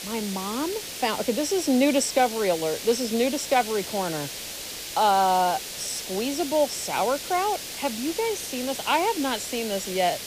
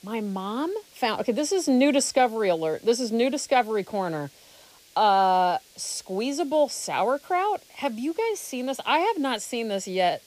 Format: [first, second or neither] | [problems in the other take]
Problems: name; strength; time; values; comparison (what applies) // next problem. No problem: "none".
second | hiss; loud; throughout; 7 dB below the speech; faint in the second